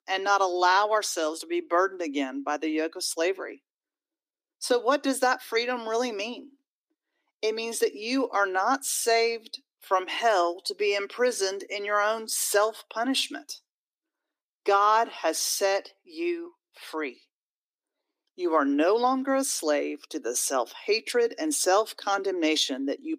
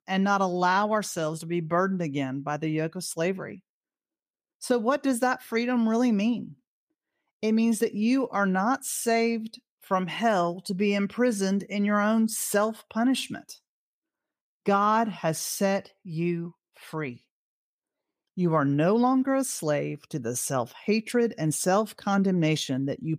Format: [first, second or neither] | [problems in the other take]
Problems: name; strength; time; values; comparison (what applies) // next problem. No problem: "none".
second | thin; somewhat; fading below 300 Hz